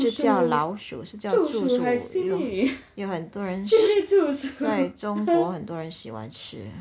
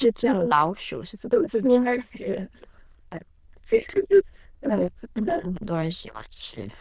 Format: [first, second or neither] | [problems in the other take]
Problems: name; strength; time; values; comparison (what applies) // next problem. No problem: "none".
first | noise reduction (neural diffusion model UNIVERSE++)